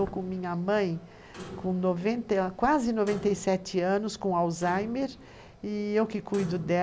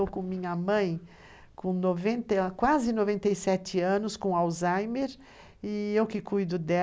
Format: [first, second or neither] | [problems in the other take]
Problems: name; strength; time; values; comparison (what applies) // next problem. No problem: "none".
second | background sound (Clock); 17 dB below the speech